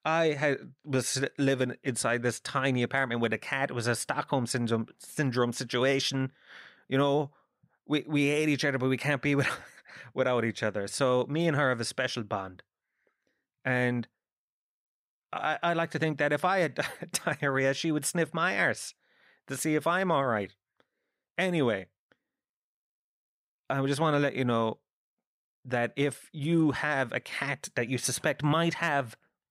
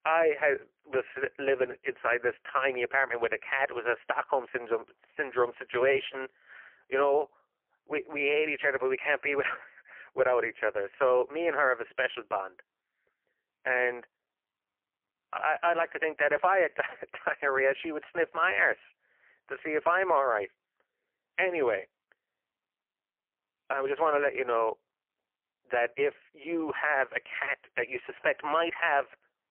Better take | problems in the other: first | phone-call audio; poor line; nothing above 3 kHz

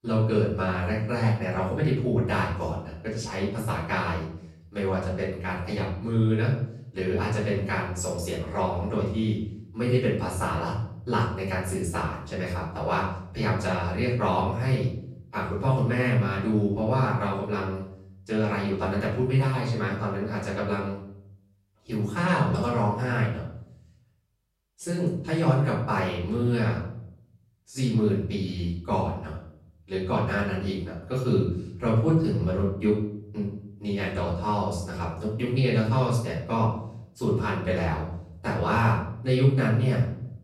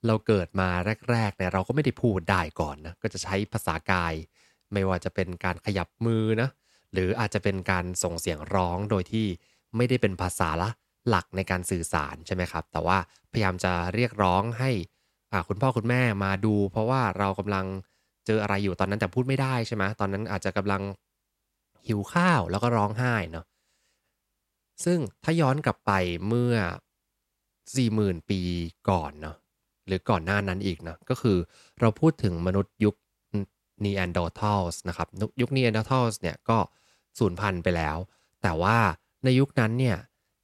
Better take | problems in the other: second | off-mic speech; far // room echo; noticeable; dies away in 0.7 s

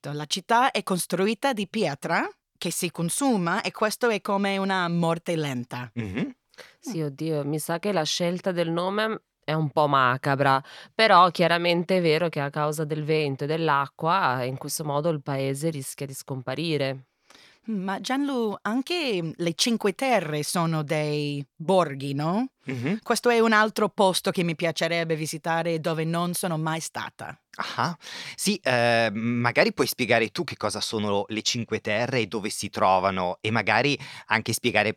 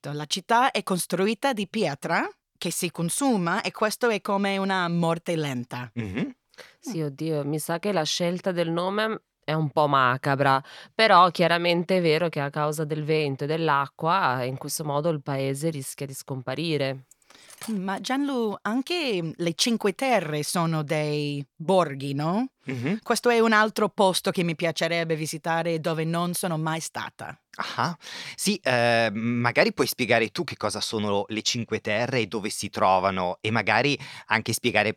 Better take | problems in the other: first | clattering dishes; faint; at 17 s; peak 15 dB below the speech

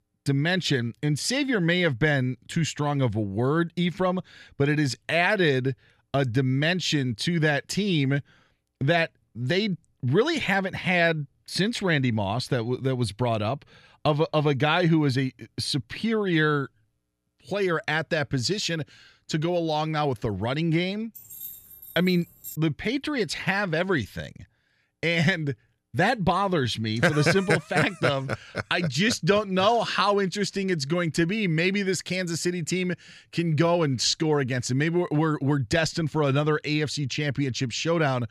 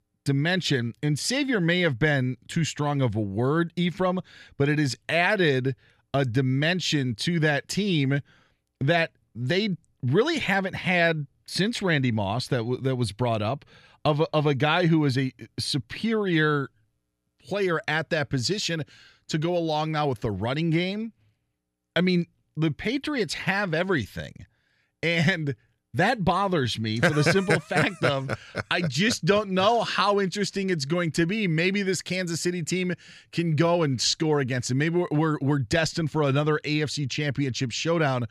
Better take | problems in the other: second | jangling keys; faint; from 21 to 23 s; peak 10 dB below the speech

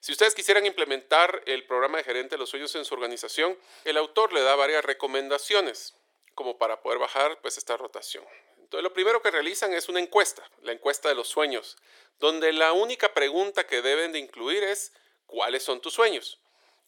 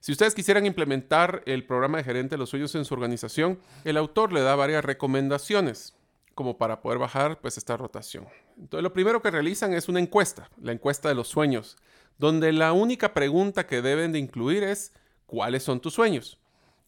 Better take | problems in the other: second | thin; very; fading below 400 Hz

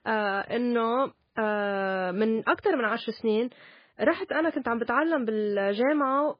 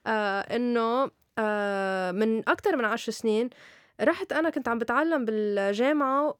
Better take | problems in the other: second | garbled, watery; badly; nothing above 4 kHz

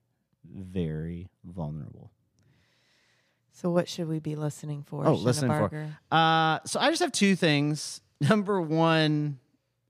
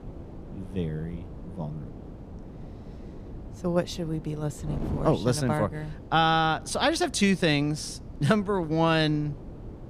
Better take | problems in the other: first | wind noise on the microphone; occasional gusts; 20 dB below the speech

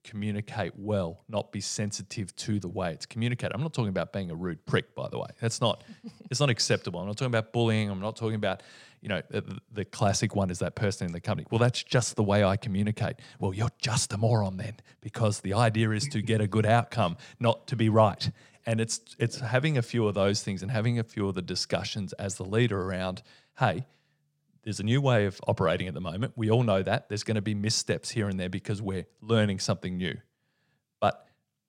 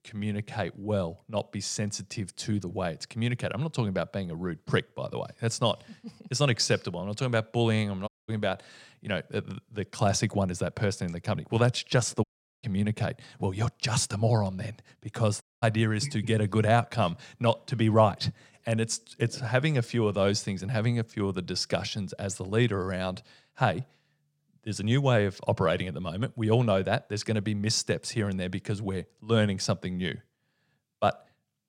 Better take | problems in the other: first | audio cutting out; at 8 s, at 12 s and at 15 s

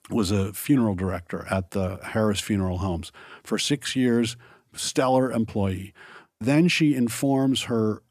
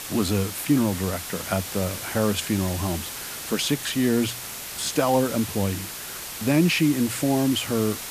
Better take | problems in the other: first | hiss; loud; throughout; 8 dB below the speech

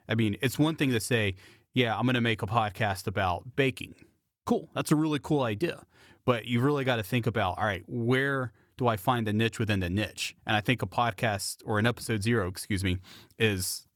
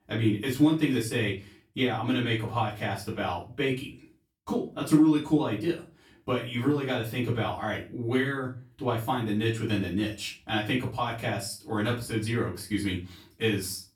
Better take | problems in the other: first | off-mic speech; far // room echo; slight; dies away in 0.3 s

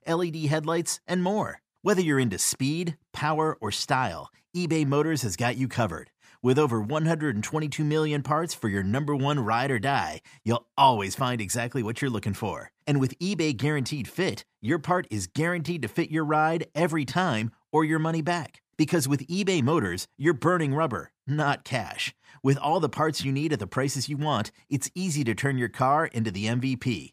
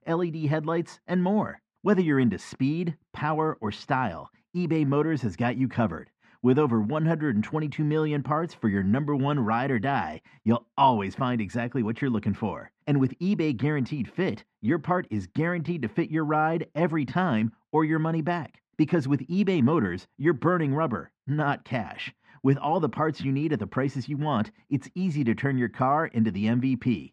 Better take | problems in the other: first | muffled; very; fading above 2.5 kHz

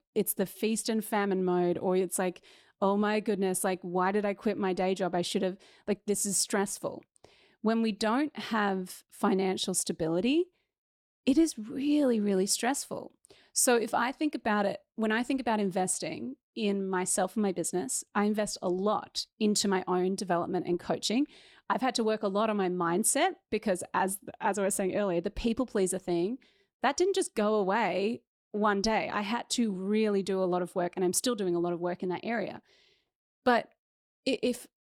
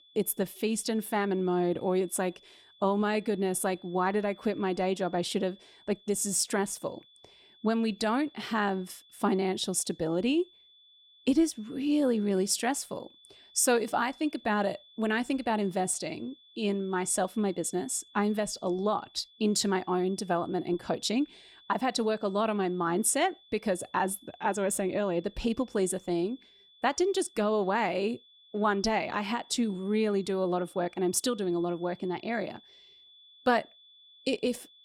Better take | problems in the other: first | high-pitched whine; faint; throughout; 3.5 kHz, 25 dB below the speech

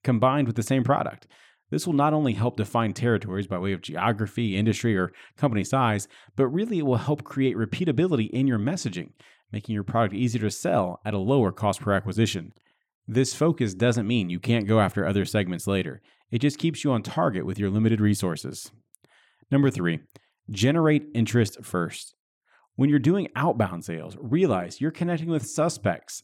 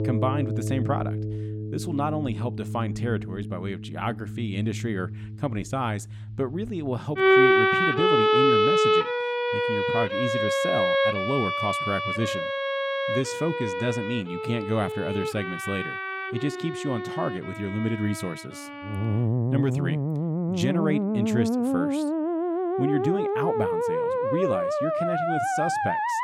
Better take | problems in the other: first | background music; very loud; throughout; 5 dB above the speech

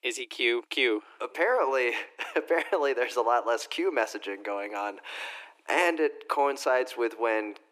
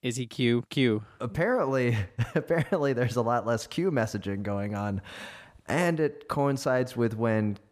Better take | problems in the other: second | thin; very; fading below 300 Hz

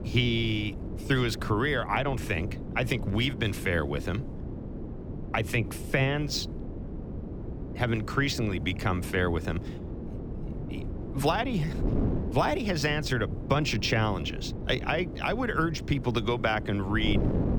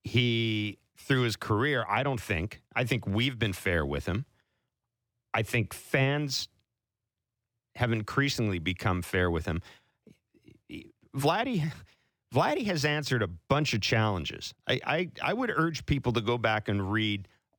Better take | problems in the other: second | wind noise on the microphone; occasional gusts; 15 dB below the speech

